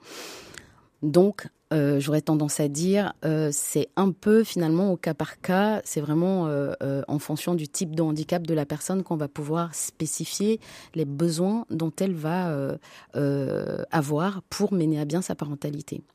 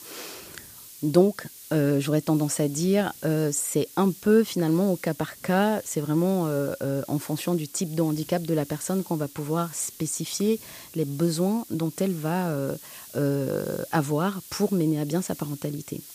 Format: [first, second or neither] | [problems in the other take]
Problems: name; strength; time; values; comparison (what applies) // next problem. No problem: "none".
first | hiss; noticeable; throughout; 15 dB below the speech